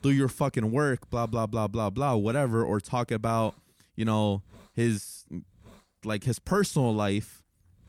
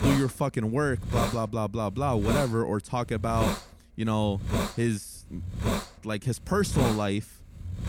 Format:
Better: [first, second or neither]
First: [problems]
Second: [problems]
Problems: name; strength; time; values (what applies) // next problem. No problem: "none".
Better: first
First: hiss; faint; throughout; 30 dB below the speech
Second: hiss; loud; throughout; 4 dB below the speech